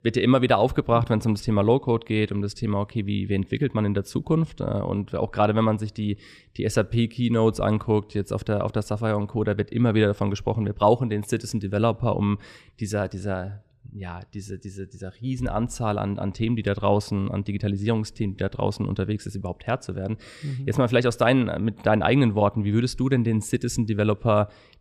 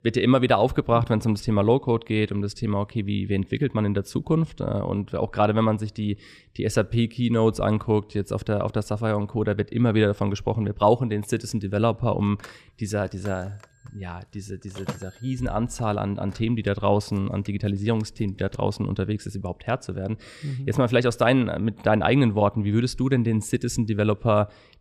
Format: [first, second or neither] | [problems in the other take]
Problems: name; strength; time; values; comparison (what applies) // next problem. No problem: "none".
first | phone ringing; faint; from 12 to 19 s; peak 10 dB below the speech